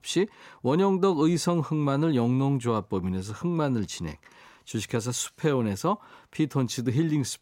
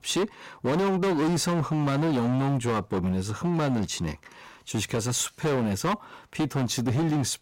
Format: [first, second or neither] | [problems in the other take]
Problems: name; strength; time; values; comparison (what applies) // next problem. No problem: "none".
first | distortion; heavy; 23% of the sound clipped